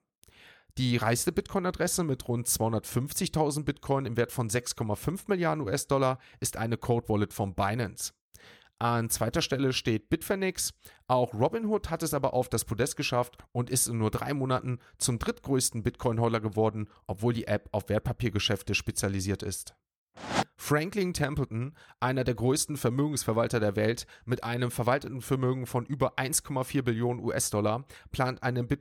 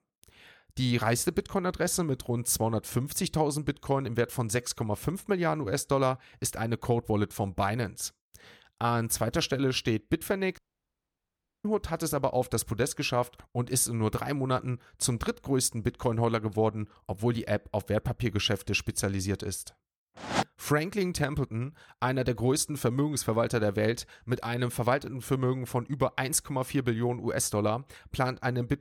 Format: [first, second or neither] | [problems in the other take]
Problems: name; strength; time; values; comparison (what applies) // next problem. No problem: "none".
first | audio cutting out; at 11 s for 1 s